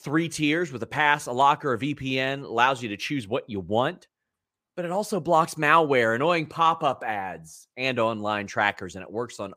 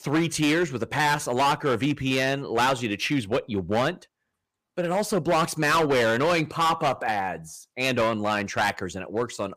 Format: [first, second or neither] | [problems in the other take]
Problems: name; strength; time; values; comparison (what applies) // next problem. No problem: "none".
first | distortion; heavy; 12% of the sound clipped